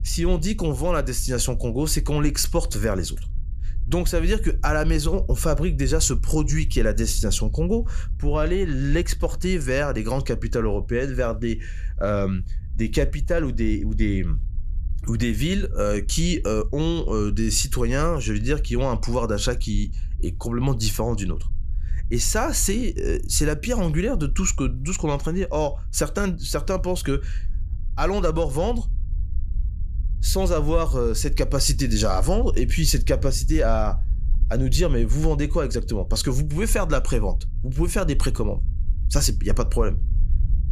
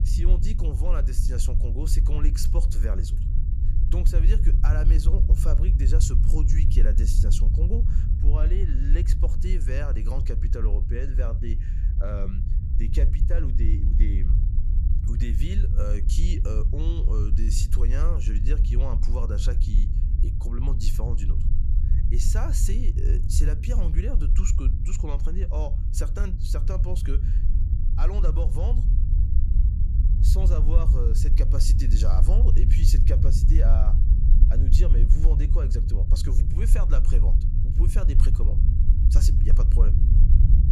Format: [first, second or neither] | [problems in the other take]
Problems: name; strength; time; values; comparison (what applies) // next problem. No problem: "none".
first | low rumble; loud; throughout; 4 dB below the speech; faint in the first